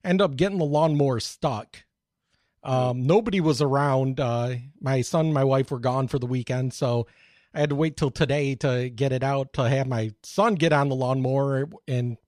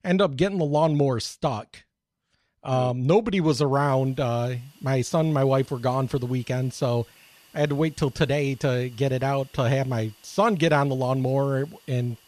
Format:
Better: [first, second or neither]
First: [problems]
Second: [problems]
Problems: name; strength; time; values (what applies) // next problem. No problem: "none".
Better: first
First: none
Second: hiss; faint; from 3.5 s on; 30 dB below the speech